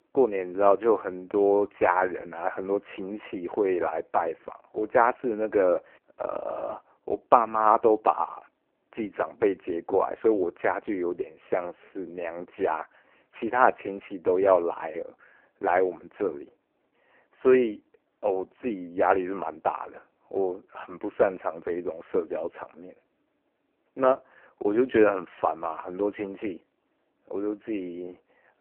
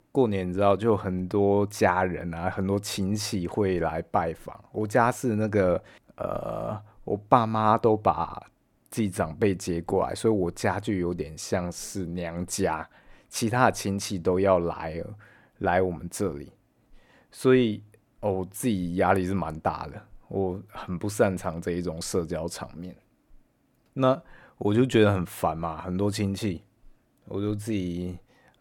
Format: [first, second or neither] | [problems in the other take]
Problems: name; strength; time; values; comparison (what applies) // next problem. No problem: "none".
second | phone-call audio; poor line